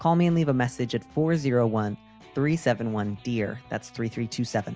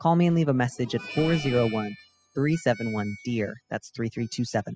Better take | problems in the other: first | noise reduction (classical method spectral subtraction)

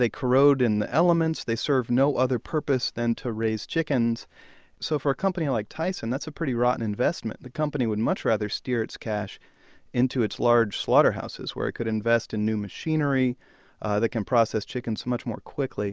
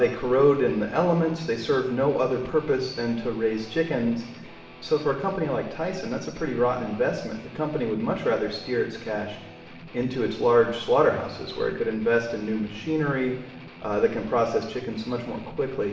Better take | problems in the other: first | background sound (Guitar); 19 dB below the speech // room echo; dies away in 0.8 s

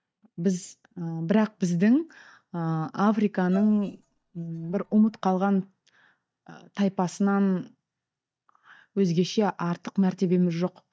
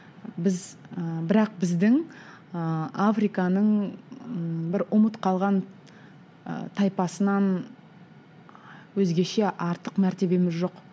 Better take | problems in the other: second | noise reduction (neural mask model DeepFilterNet 3)

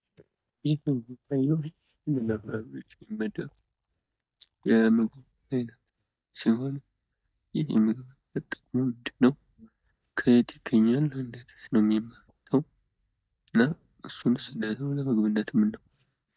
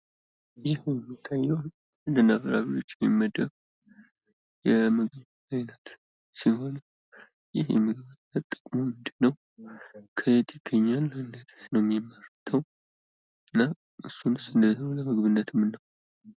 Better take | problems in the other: second | noise reduction (neural mask model DeepFilterNet 3)

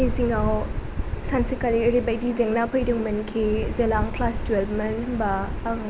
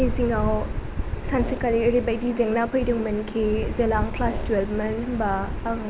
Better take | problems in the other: first | background sound (Fart); 14 dB below the speech

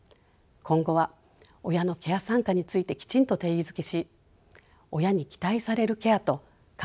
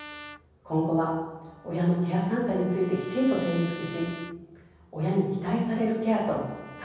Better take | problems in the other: first | background sound (Trumpet); 18 dB below the speech // room echo; dies away in 1.1 s

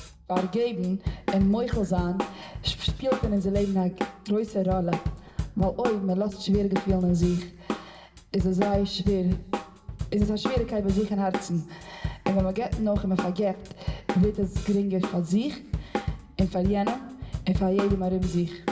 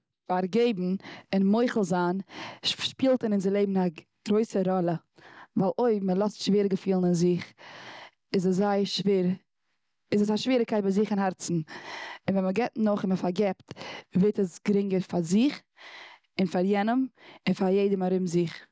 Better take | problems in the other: second | background sound (Drum kit); 6 dB below the speech // room echo; dies away in 1.2 s

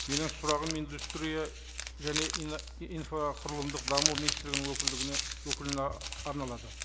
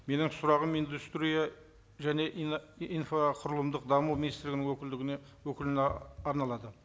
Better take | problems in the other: second | background sound (Crumpling, crinkling); as loud as the speech

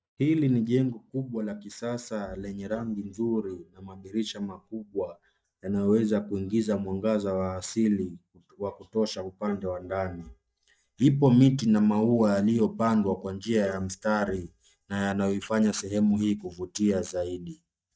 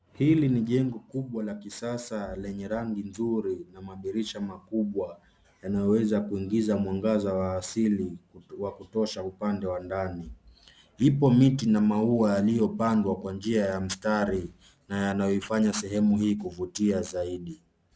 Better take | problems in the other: second | noise reduction (neural mask model DeepFilterNet 3)

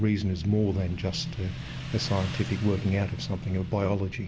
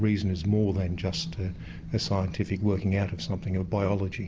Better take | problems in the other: second | background sound (Motorcycle); 12 dB below the speech

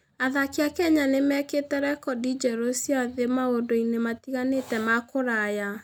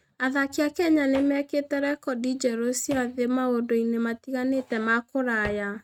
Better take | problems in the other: first | noise reduction (neural mask model RNNoise)

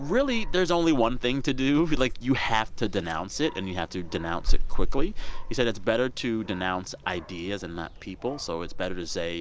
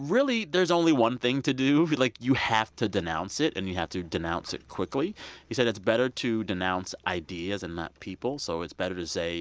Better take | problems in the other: second | background sound (Dog); as loud as the speech

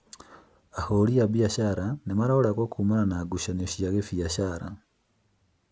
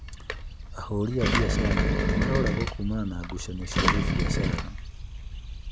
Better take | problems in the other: first | background sound (Engine); 5 dB above the speech

